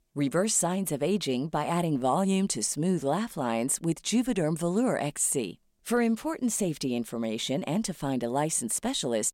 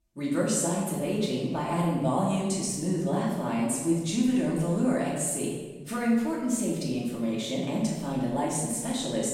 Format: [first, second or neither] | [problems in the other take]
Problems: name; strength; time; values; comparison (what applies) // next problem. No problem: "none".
first | room echo; noticeable; dies away in 1.3 s // off-mic speech; far